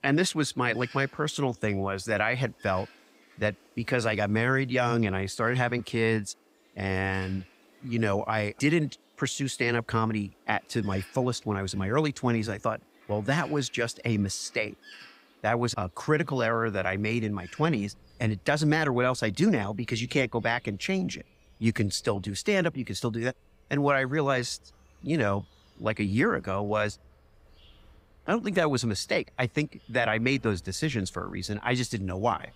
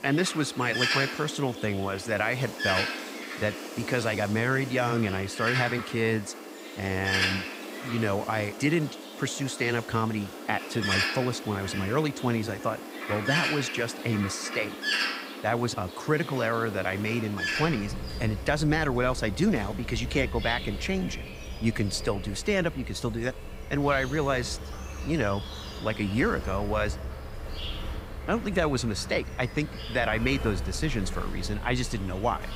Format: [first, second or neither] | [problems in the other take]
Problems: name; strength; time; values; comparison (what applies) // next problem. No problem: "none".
first | animal sounds; loud; throughout; 5 dB below the speech; faint in the first